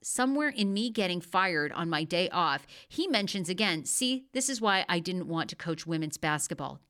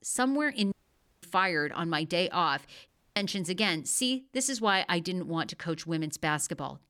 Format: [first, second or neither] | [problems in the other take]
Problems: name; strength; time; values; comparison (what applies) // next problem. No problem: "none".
first | audio cutting out; at 0.5 s for 0.5 s and at 3 s